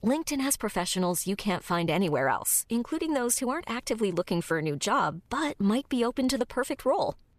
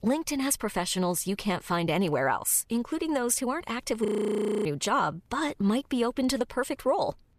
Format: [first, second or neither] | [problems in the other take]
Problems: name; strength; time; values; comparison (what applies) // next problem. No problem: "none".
first | audio freezing; at 4 s for 0.5 s